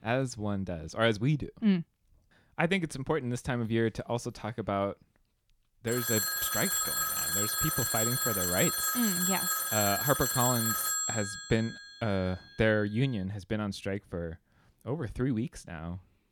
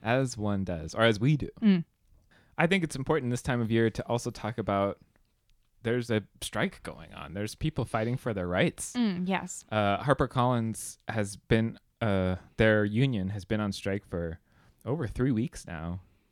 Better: second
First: phone ringing; loud; from 6 to 12 s; peak 4 dB above the speech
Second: none

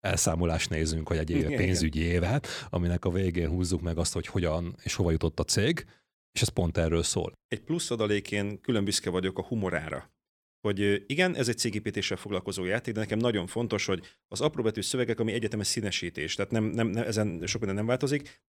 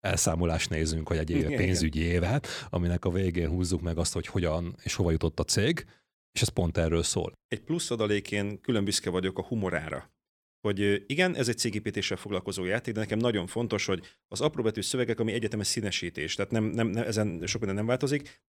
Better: neither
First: none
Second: none

